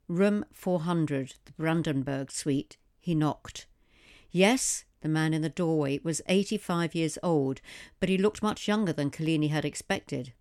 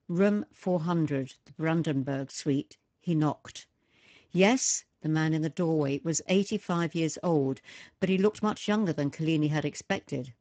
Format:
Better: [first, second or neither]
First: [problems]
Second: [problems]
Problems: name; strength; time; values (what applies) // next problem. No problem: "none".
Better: first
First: none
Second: garbled, watery; badly; nothing above 7.5 kHz